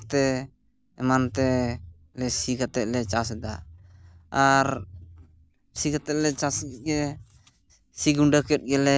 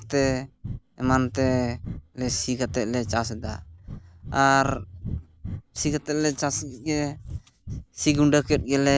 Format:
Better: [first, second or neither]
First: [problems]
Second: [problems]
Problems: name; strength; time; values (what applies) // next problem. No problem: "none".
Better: first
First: none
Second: background sound (Breathing); 11 dB below the speech